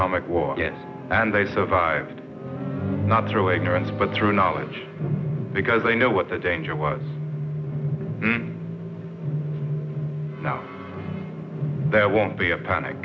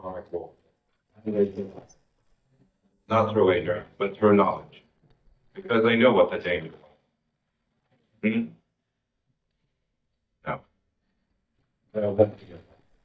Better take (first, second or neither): first